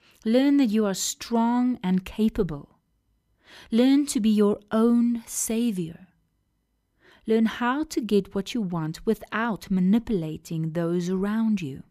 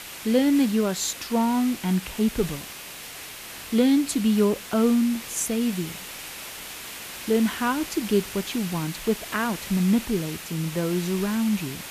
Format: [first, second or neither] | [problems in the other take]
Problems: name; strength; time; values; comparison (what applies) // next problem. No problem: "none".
first | hiss; noticeable; throughout; 10 dB below the speech